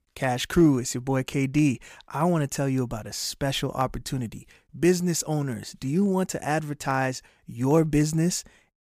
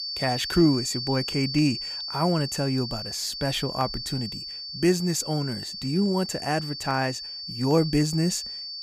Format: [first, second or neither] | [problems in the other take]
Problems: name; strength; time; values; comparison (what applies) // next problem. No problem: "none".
first | high-pitched whine; loud; throughout; 4.5 kHz, 6 dB below the speech